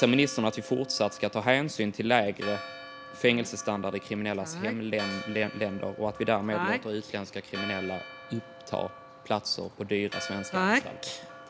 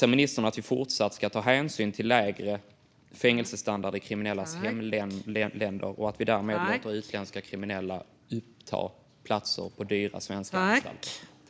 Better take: second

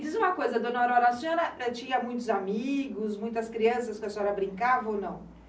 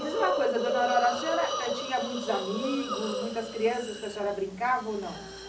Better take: first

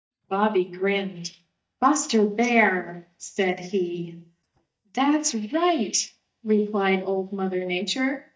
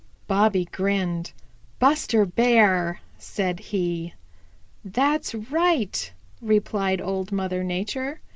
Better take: second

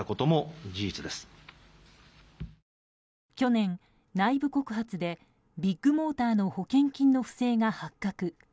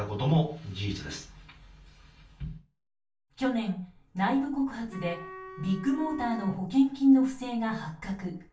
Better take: first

